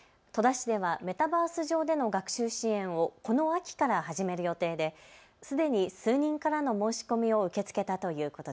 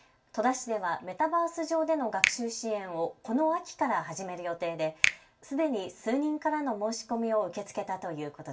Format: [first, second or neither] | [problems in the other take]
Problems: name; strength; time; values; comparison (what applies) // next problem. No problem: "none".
first | background sound (Finger snapping); 5 dB below the speech // room echo; dies away in 0.2 s